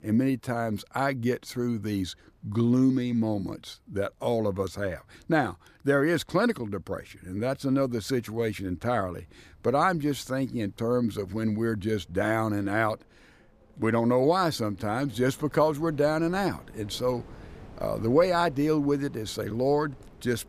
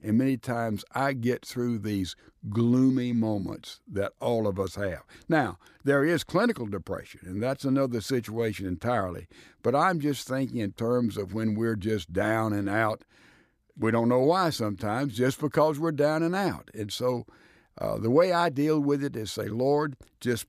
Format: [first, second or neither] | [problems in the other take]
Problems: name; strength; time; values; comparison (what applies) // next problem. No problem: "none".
second | wind in the background; faint; throughout; 25 dB below the speech